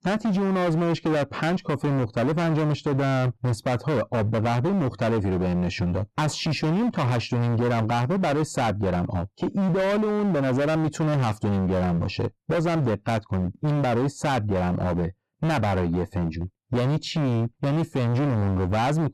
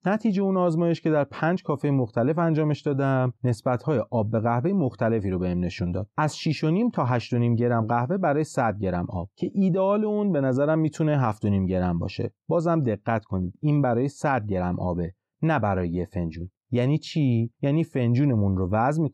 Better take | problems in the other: second | distortion; heavy; 33% of the sound clipped

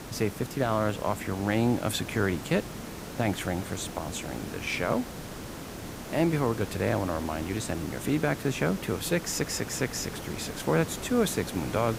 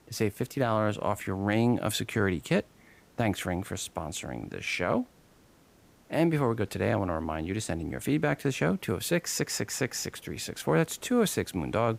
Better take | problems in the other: second | hiss; loud; throughout; 10 dB below the speech; faint in the second

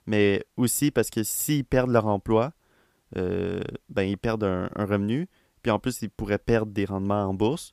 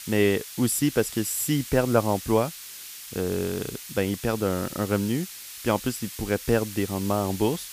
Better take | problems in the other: first | hiss; noticeable; throughout; 10 dB below the speech

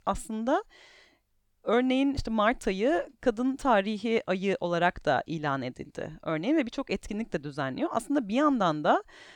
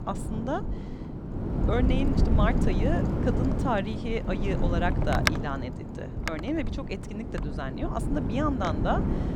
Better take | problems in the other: first | wind noise on the microphone; heavy; 3 dB below the speech

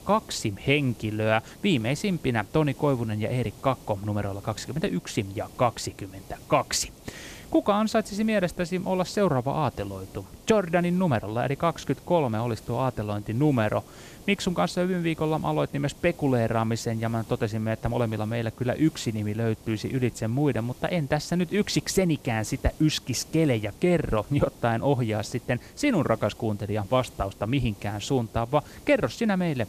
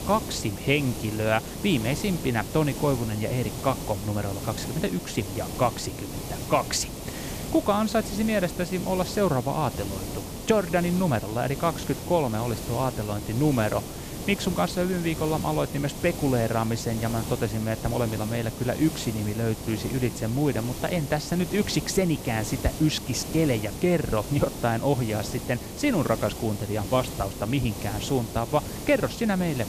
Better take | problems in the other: first | hiss; loud; throughout; 8 dB below the speech; faint in the first

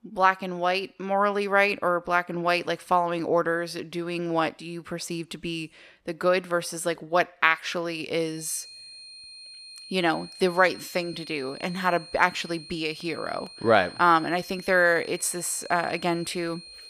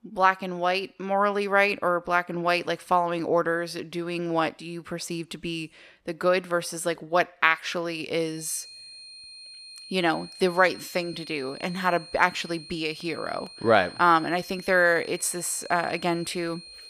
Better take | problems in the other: neither | high-pitched whine; noticeable; from 8.5 s on; 4 kHz, 15 dB below the speech; the same in both

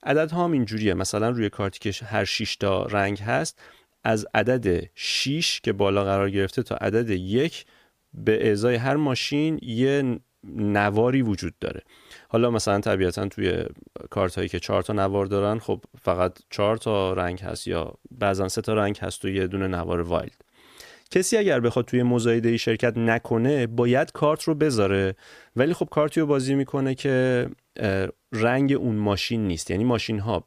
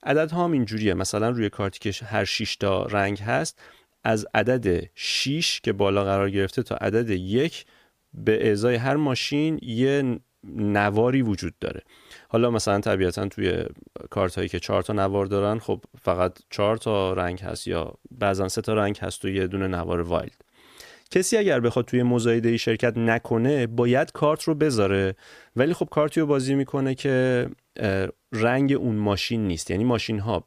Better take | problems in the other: neither | none

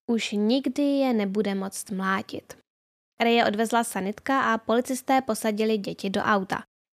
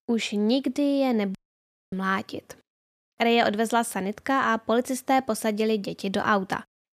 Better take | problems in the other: first | audio cutting out; at 1.5 s for 0.5 s

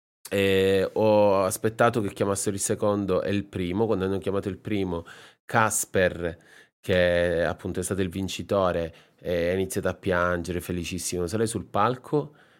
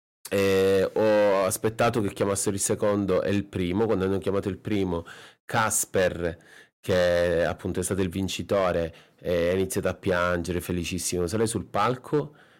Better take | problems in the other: first | distortion; slight; 5% of the sound clipped

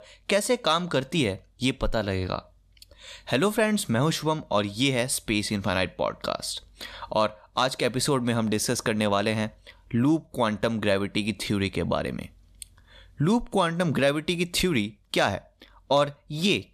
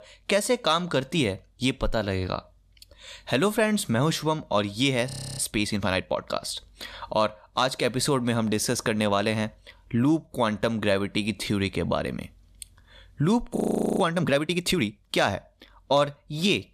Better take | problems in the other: first | audio freezing; at 5 s and at 14 s

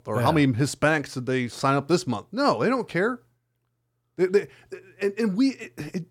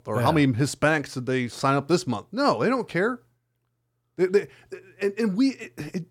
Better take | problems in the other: neither | none

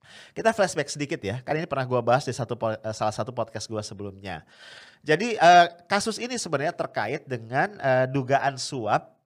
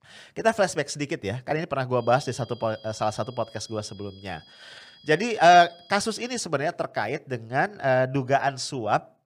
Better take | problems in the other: first | high-pitched whine; faint; from 2 to 6.5 s; 3 kHz, 25 dB below the speech

